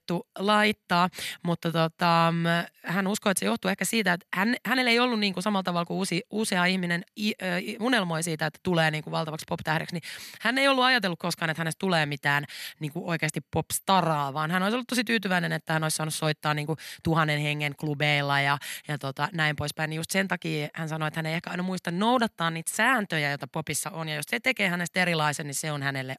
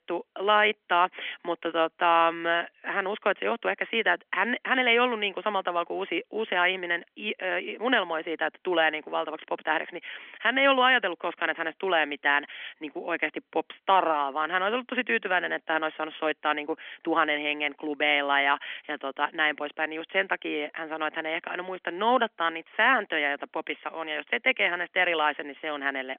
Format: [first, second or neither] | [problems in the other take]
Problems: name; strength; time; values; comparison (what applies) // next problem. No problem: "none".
first | phone-call audio; nothing above 3.5 kHz